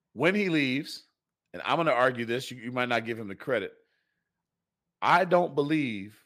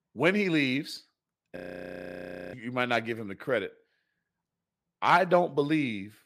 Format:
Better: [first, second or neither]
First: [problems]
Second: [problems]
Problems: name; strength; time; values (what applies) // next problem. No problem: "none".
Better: first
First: none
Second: audio freezing; at 1.5 s for 1 s